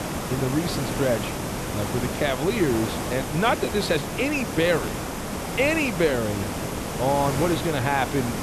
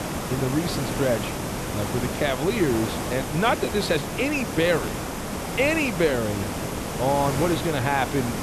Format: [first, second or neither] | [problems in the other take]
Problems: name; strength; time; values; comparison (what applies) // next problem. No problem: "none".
neither | hiss; loud; throughout; 4 dB below the speech; the same in both